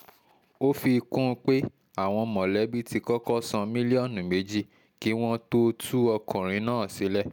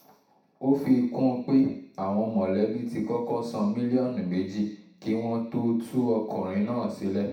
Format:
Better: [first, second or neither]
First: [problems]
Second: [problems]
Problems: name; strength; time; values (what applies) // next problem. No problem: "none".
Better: first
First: none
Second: room echo; dies away in 0.7 s